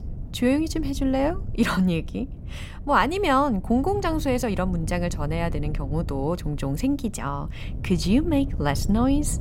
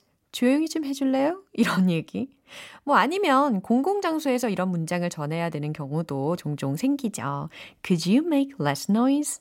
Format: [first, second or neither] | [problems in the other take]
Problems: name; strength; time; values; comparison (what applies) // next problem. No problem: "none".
second | wind noise on the microphone; occasional gusts; 20 dB below the speech